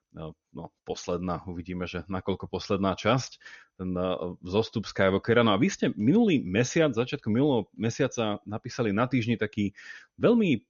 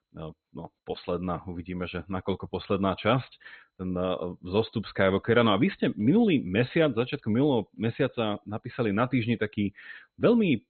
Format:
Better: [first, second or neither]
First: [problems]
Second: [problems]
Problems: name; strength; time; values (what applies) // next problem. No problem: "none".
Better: first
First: garbled, watery; slightly; nothing above 6.5 kHz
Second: garbled, watery; badly; nothing above 4 kHz